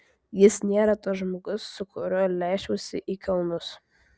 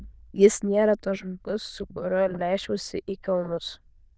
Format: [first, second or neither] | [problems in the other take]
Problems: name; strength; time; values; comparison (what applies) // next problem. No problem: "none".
first | noise reduction (neural diffusion model UNIVERSE++)